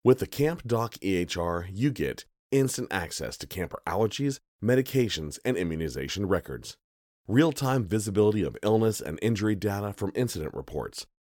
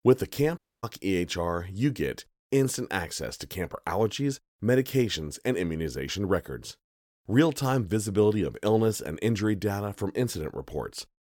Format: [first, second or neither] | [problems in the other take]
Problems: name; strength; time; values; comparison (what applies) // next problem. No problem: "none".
first | audio cutting out; at 0.5 s